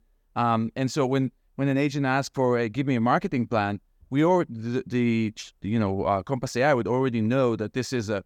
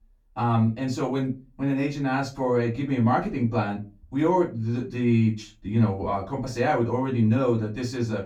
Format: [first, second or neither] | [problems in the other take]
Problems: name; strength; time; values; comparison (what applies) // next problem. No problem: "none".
first | off-mic speech; far // room echo; very slight; dies away in 0.2 s